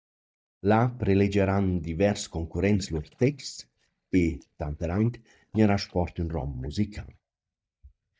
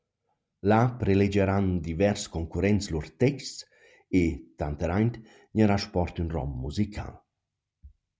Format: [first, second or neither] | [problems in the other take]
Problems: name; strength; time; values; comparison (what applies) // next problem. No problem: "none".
second | noise reduction (neural mask model DeepFilterNet 3)